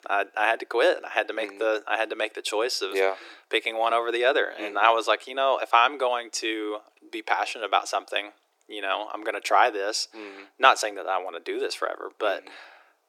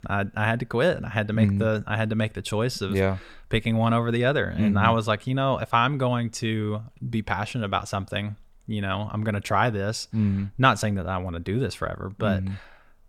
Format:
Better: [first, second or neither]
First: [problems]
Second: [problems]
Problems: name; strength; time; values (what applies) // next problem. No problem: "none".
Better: second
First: thin; very; fading below 300 Hz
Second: none